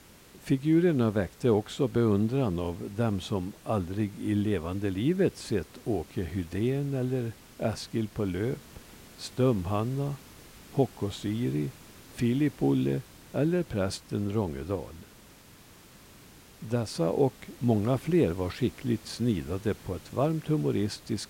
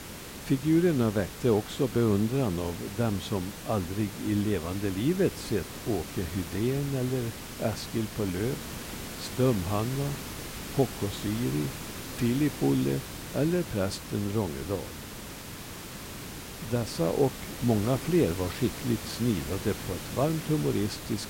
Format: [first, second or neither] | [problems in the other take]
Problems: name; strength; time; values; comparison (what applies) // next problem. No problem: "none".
first | hiss; loud; throughout; 9 dB below the speech; faint in the first